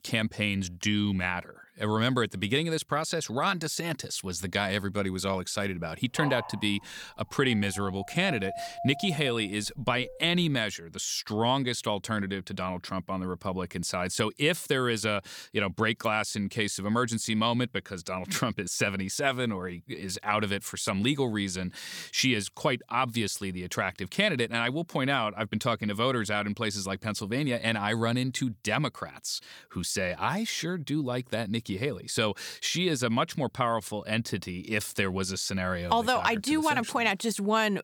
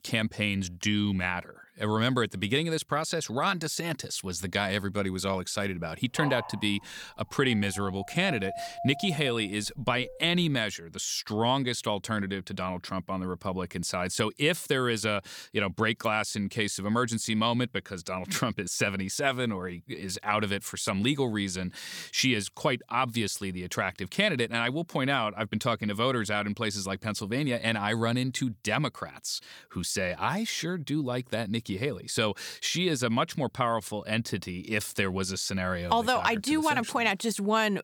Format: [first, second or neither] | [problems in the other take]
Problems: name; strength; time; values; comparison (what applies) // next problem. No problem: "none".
neither | dog barking; noticeable; from 6 to 10 s; peak 7 dB below the speech; the same in both